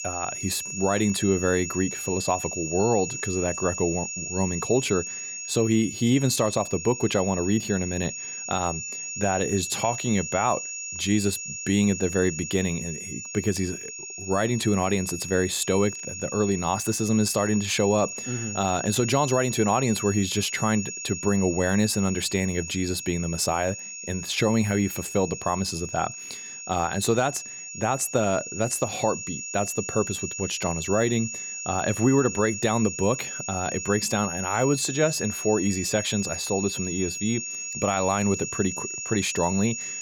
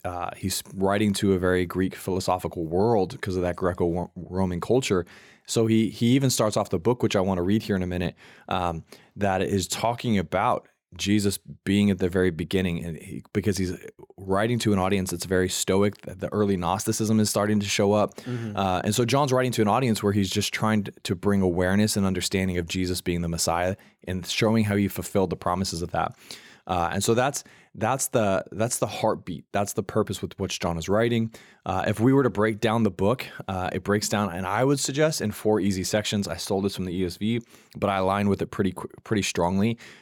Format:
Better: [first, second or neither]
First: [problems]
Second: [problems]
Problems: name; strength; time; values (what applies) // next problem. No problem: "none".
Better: second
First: high-pitched whine; loud; throughout; 6.5 kHz, 6 dB below the speech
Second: none